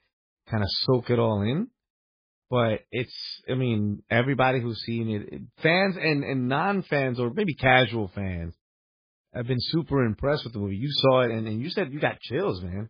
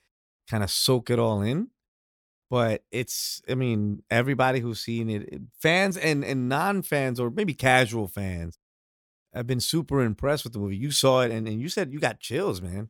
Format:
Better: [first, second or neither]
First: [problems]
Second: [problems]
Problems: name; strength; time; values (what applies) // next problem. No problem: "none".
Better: second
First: garbled, watery; badly; nothing above 4.5 kHz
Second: none